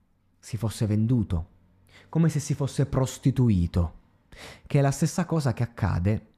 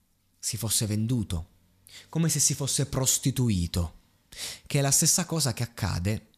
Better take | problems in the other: second | muffled; very; fading above 3 kHz

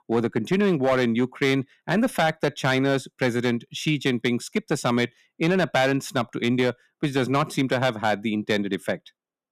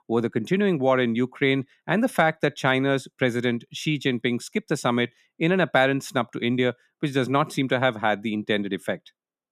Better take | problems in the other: second | distortion; slight; 5% of the sound clipped

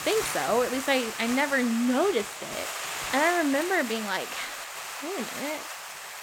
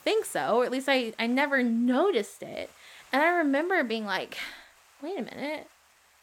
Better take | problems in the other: second | hiss; loud; throughout; 6 dB below the speech; faint in the second

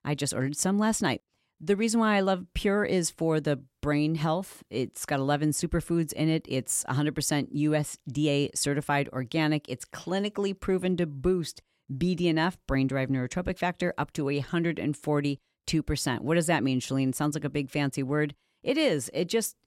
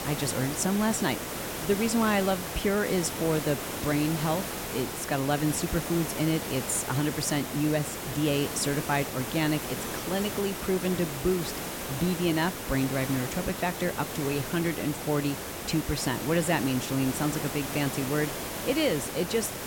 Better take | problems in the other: first | hiss; loud; throughout; 5 dB below the speech

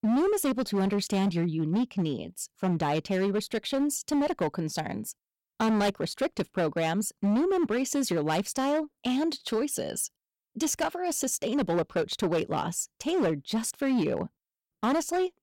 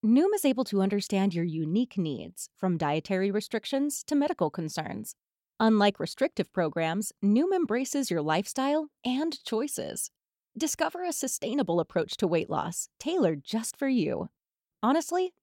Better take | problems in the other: second | distortion; slight; 12% of the sound clipped

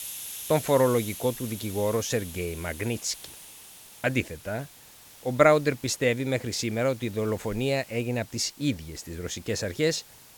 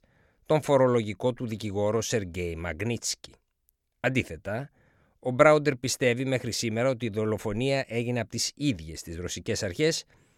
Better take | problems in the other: second | hiss; noticeable; throughout; 15 dB below the speech

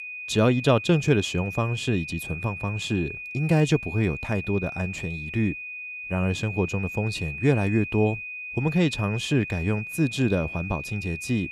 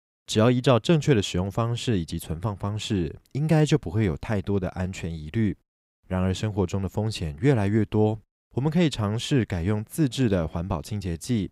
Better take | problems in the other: second | high-pitched whine; loud; throughout; 2.5 kHz, 8 dB below the speech

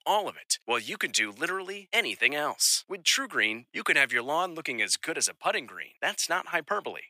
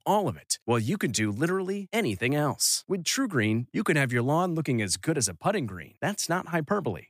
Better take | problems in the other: second | thin; very; fading below 550 Hz

